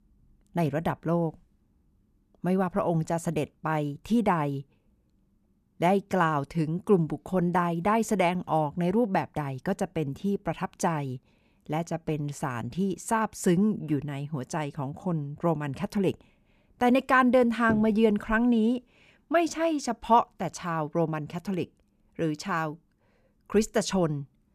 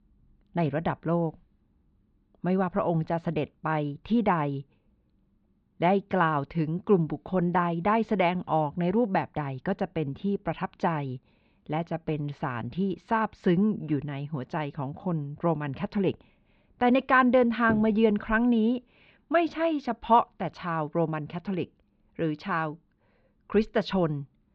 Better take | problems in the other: first | muffled; slightly; fading above 4 kHz

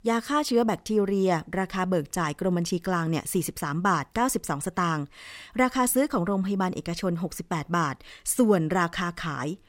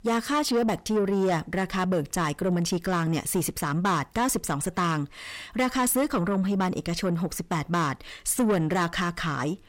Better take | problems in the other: first | distortion; slight; 10 dB below the speech

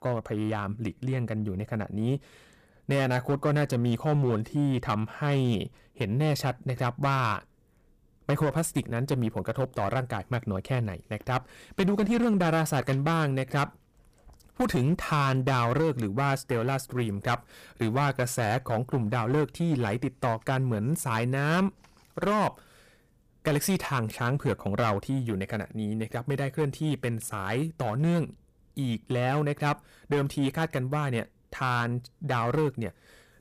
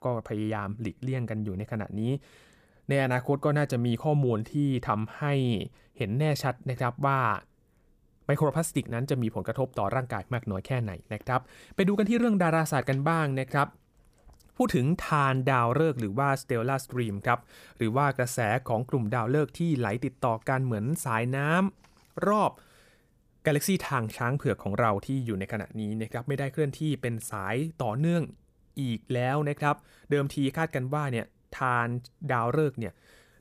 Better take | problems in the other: second | distortion; slight; 7% of the sound clipped

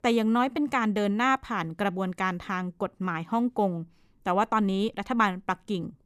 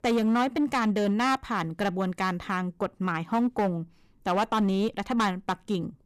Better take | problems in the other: first | distortion; slight; 7% of the sound clipped

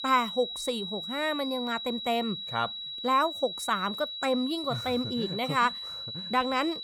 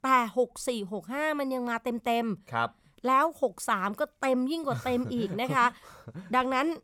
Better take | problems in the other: second | high-pitched whine; loud; throughout; 4 kHz, 5 dB below the speech

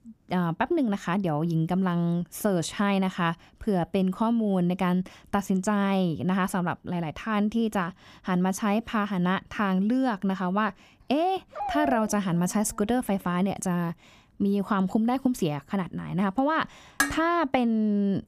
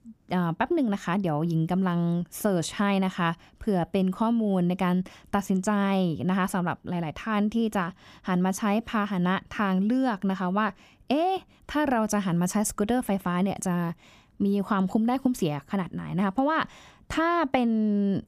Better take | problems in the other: second | dog barking; noticeable; from 12 to 13 s; peak 4 dB below the speech // clattering dishes; noticeable; at 17 s; peak 1 dB below the speech

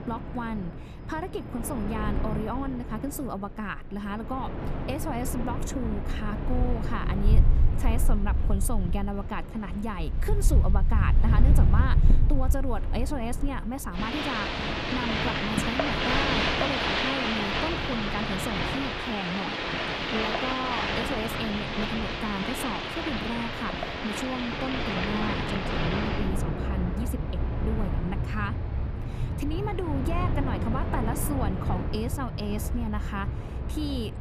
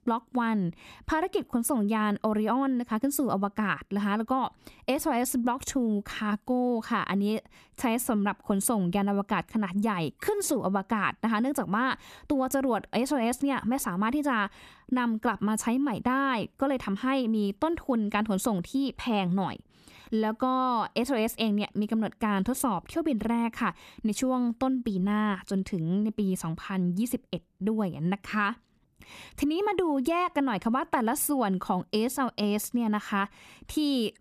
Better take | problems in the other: second | wind in the background; very loud; throughout; 5 dB above the speech

